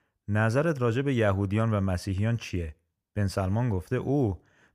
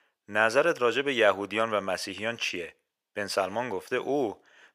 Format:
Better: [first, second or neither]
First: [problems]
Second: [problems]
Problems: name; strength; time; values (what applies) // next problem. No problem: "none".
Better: first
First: none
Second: thin; very; fading below 500 Hz